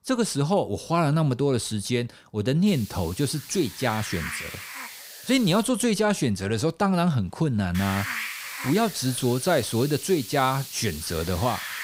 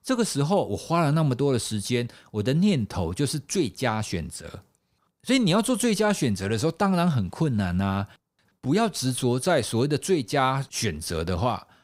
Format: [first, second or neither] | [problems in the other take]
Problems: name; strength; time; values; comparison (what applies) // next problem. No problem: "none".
second | hiss; noticeable; from 2.5 to 5.5 s and from 8 s on; 10 dB below the speech